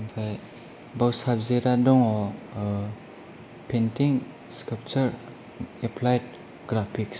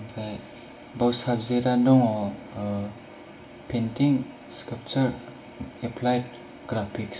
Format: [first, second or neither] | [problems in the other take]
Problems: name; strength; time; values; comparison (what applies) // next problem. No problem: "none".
first | room echo; dies away in 0.2 s